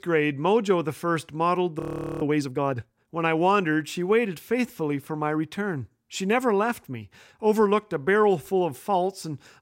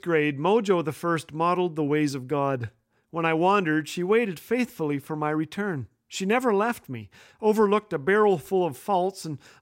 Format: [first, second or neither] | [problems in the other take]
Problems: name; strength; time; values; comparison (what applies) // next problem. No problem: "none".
second | audio freezing; at 2 s